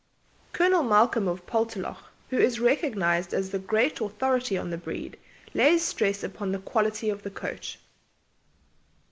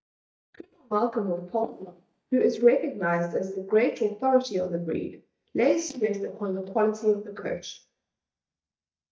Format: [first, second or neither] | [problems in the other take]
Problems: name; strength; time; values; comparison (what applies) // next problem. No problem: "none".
first | noise reduction (neural mask model DeepFilterNet 3)